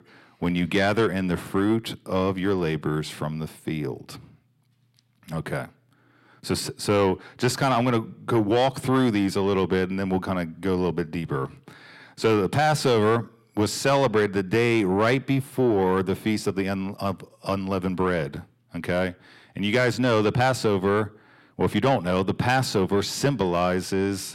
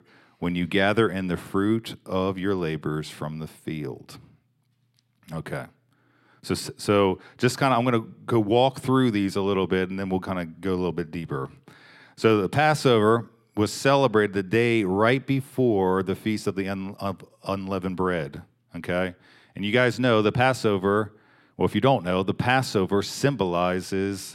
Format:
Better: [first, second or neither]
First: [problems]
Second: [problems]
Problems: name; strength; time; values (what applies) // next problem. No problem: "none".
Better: second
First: distortion; slight; 10 dB below the speech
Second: none